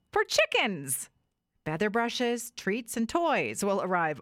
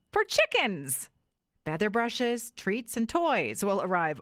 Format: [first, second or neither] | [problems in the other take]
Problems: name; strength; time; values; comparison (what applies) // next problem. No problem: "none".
first | garbled, watery; slightly; nothing above 15.5 kHz